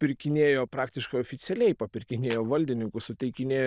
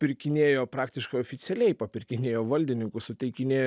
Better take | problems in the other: second | noise reduction (neural diffusion model UNIVERSE++)

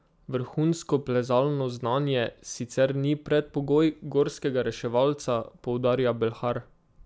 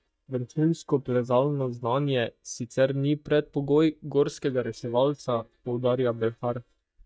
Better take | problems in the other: first | noise reduction (neural mask model DeepFilterNet 3)

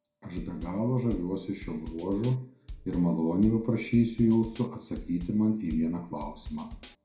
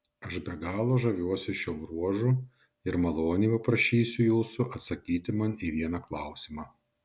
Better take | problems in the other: second | background sound (Drum kit); 15 dB below the speech // room echo; dies away in 0.5 s

